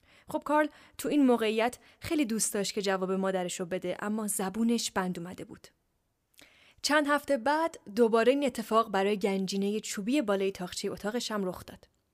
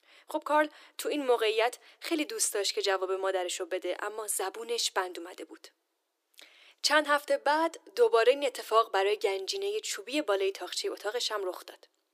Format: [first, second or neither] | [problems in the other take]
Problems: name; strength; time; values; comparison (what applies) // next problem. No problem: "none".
first | thin; very; fading below 300 Hz